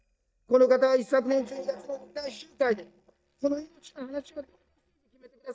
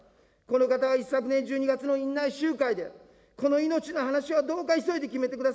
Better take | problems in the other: second | noise reduction (neural mask model DeepFilterNet 3)

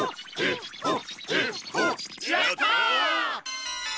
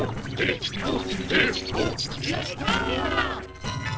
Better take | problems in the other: first | noise reduction (neural separator model SepFormer DNS4)

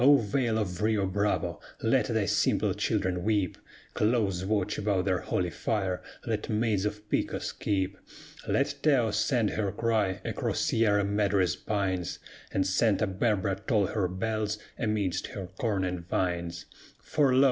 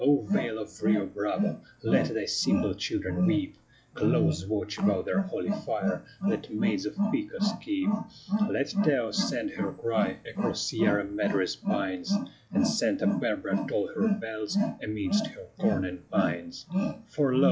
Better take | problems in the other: first | noise reduction (classical method log-MMSE)

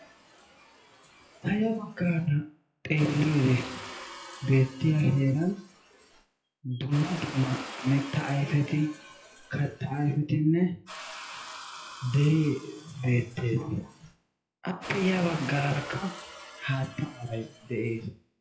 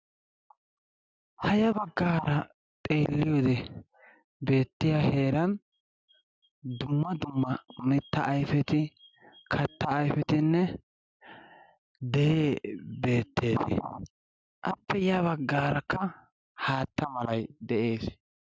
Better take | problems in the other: second | noise reduction (classical method WPE with log-MMSE)

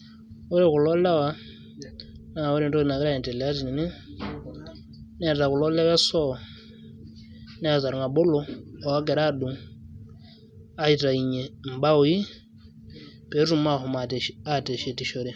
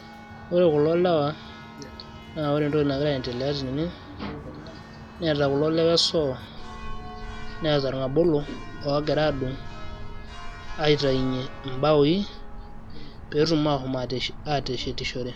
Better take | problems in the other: first | background sound (Church bell); 12 dB below the speech

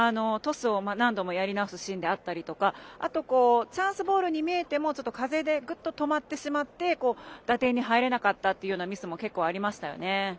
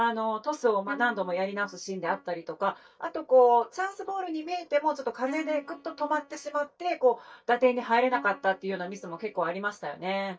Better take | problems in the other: first | noise reduction (neural mask model DeepFilterNet 3)

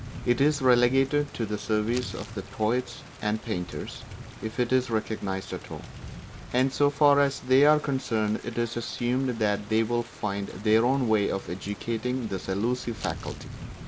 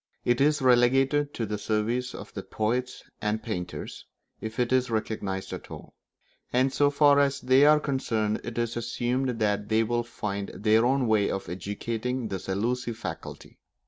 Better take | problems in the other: second | background sound (Crumpling, crinkling + Thunder / Rain); 15 dB below the speech

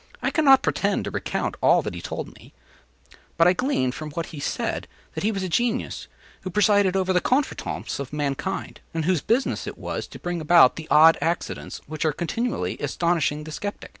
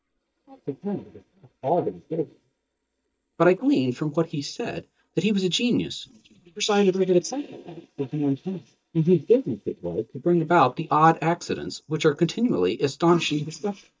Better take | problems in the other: first | noise reduction (neural mask model DeepFilterNet 3)

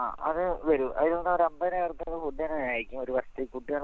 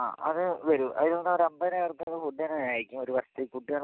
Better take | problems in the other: second | background sound (Rain); 13 dB below the speech

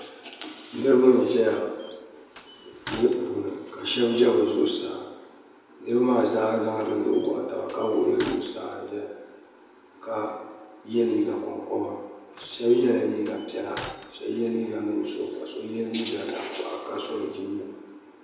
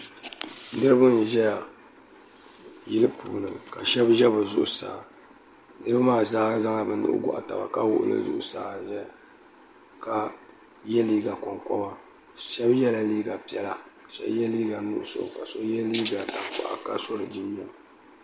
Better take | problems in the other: second | background sound (Slam); 17 dB below the speech // room echo; dies away in 0.9 s

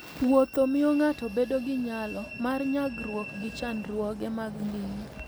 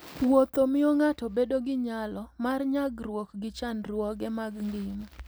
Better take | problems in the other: second | background sound (Train); 15 dB below the speech

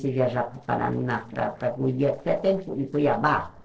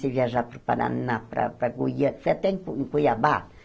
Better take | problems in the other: second | noise reduction (neural separator model SepFormer DNS4)

